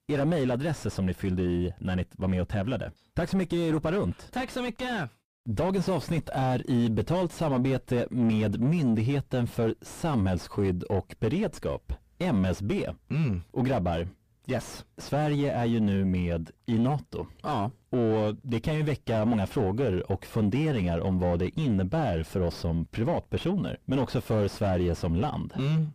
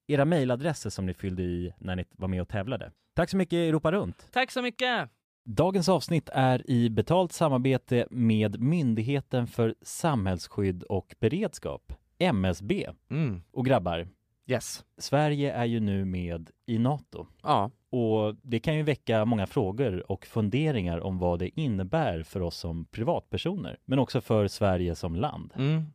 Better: second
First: distortion; heavy; 4 dB below the speech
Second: none

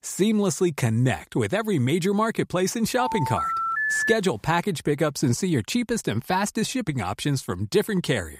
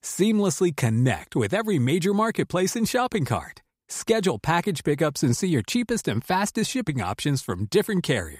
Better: second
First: phone ringing; loud; from 3 to 4 s; peak 2 dB above the speech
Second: none

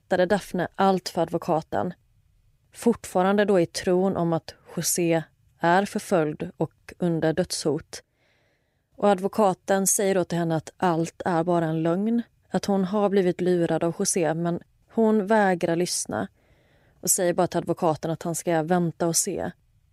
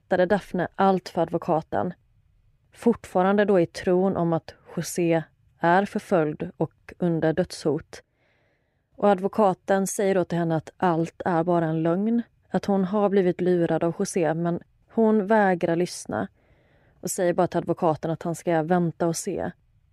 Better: first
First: none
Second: muffled; slightly; fading above 3.5 kHz

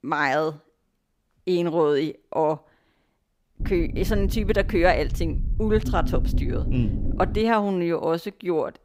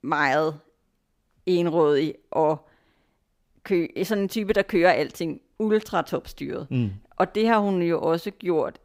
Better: second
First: low rumble; noticeable; from 3.5 to 7.5 s; 15 dB below the speech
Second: none

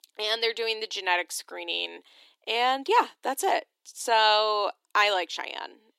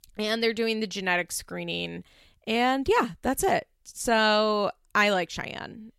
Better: second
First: thin; very; fading below 300 Hz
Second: none

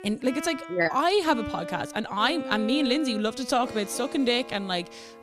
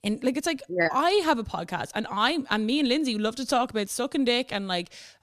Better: second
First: background music; noticeable; throughout; 10 dB below the speech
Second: none

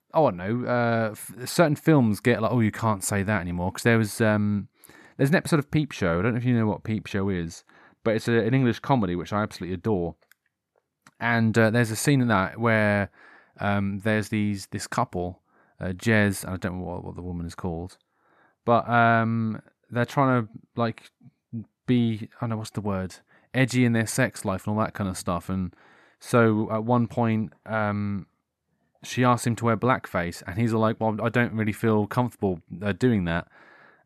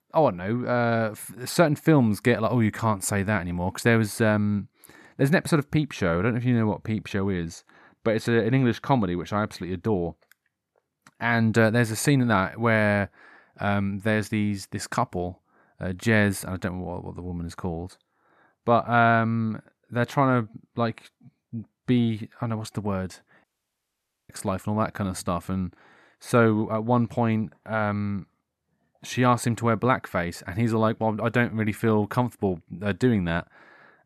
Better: first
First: none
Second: audio cutting out; at 23 s for 1 s

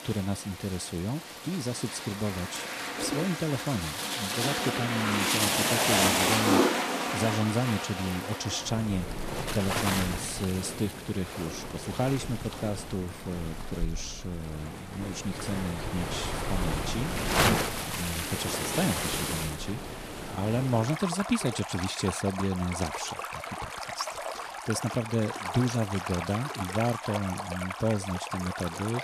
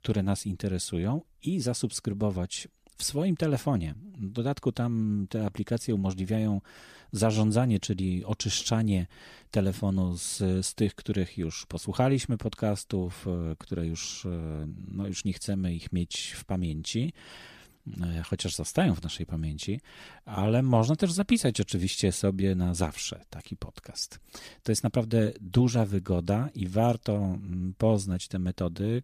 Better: second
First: rain or running water; very loud; throughout; 1 dB above the speech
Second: none

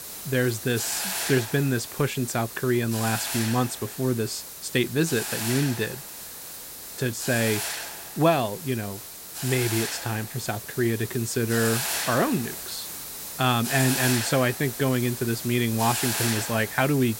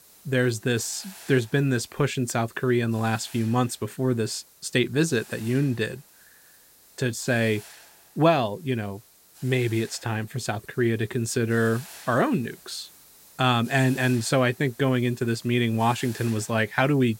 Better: second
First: hiss; loud; throughout; 5 dB below the speech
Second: hiss; faint; throughout; 20 dB below the speech

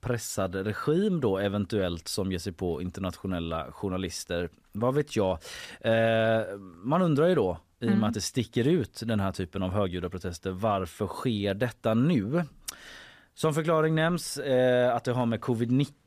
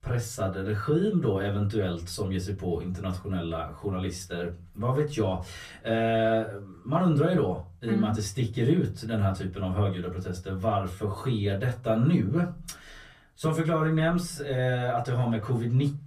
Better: first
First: none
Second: off-mic speech; far // room echo; very slight; dies away in 0.3 s

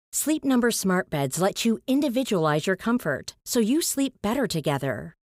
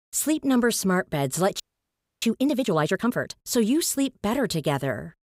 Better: first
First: none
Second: audio freezing; at 1.5 s for 0.5 s

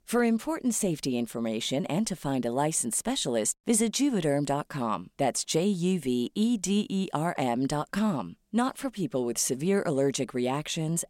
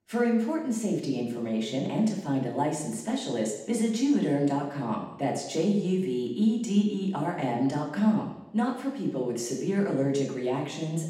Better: first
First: none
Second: room echo; noticeable; dies away in 0.8 s // off-mic speech; far

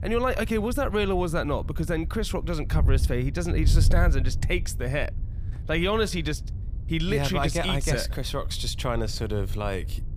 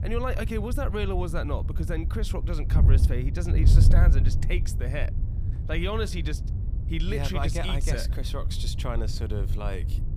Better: first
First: wind noise on the microphone; occasional gusts; 20 dB below the speech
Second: wind noise on the microphone; heavy; 8 dB below the speech

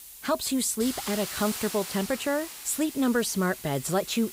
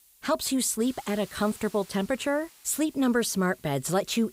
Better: second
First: hiss; loud; throughout; 9 dB below the speech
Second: hiss; faint; throughout; 25 dB below the speech

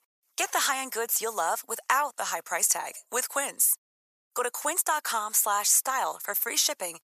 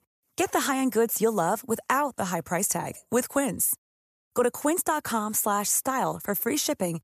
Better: second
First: thin; very; fading below 850 Hz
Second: none

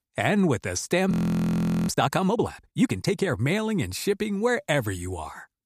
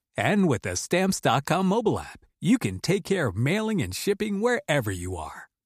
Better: second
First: audio freezing; at 1 s for 1 s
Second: none

